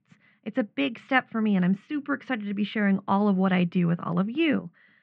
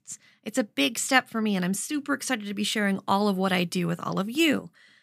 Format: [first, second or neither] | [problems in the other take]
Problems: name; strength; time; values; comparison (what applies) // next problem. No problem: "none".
second | muffled; very; fading above 2.5 kHz